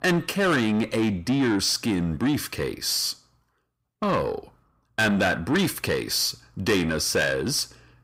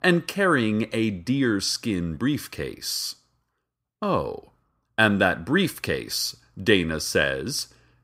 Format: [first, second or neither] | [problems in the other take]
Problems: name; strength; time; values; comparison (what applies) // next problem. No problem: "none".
second | distortion; heavy; 7 dB below the speech